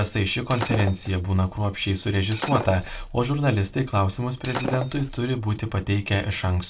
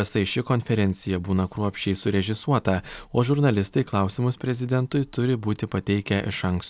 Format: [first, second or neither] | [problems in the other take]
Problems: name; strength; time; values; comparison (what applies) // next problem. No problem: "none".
second | background sound (Shatter); 11 dB below the speech // room echo; dies away in 0.2 s